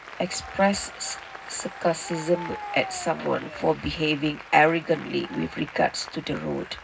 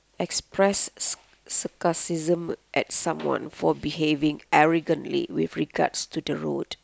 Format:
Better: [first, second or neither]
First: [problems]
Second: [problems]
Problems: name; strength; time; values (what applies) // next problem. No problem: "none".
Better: second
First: background sound (Applause); 13 dB below the speech // room echo; dies away in 0.4 s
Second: none